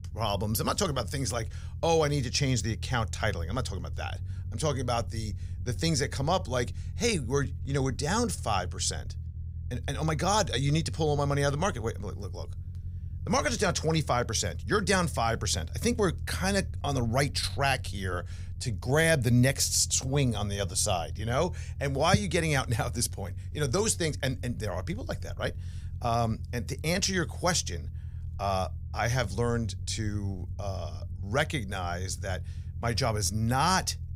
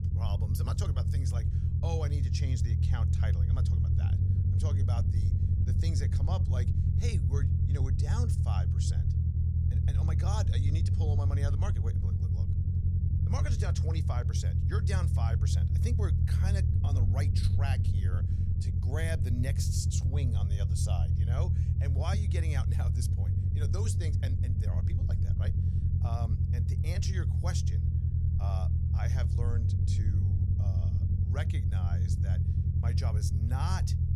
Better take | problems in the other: first | low rumble; loud; throughout; as loud as the speech; faint in the first

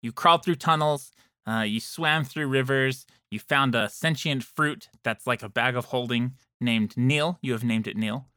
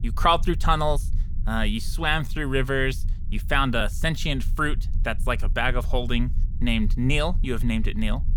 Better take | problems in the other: first | low rumble; faint; throughout; 25 dB below the speech

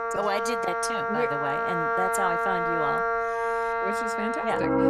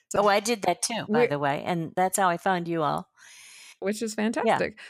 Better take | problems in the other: second | background music; very loud; throughout; 5 dB above the speech

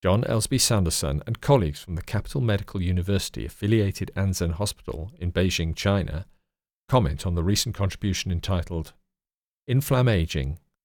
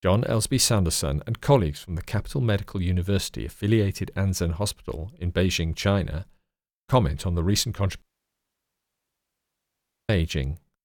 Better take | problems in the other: first | audio cutting out; at 8 s for 2 s

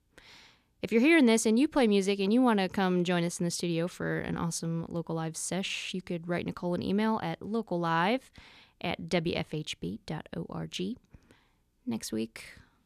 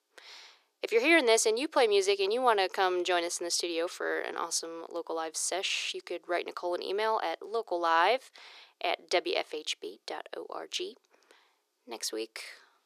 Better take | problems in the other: first | thin; very; fading below 350 Hz

